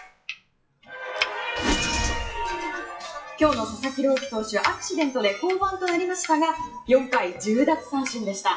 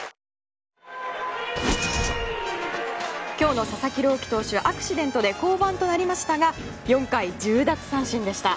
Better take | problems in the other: second | noise reduction (classical method WPE with log-MMSE)

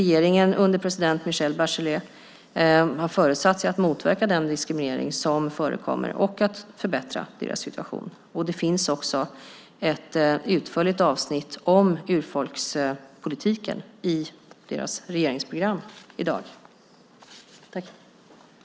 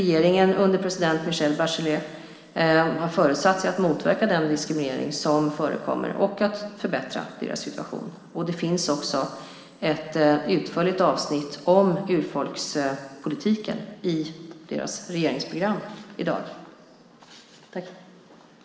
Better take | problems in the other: first | room echo; dies away in 1.7 s

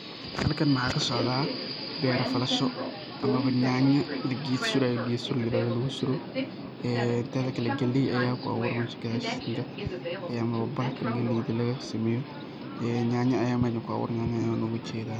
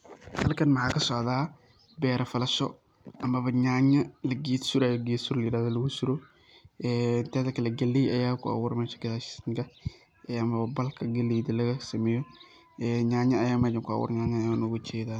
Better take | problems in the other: second | background sound (Subway, metro, underground); 5 dB below the speech

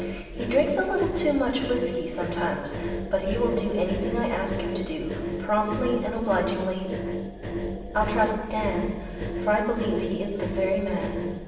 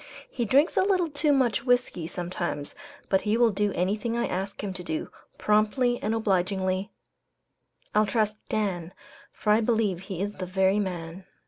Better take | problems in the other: second | background sound (Engine); 4 dB below the speech // room echo; dies away in 1.1 s

